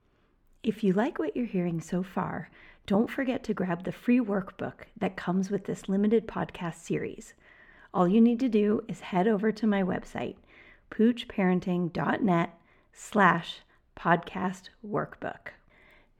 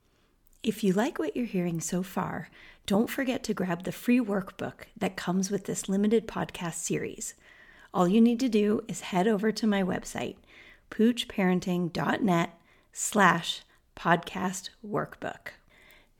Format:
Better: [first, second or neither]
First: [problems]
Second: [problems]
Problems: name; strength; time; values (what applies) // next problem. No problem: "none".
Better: second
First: muffled; slightly; fading above 3.5 kHz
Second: none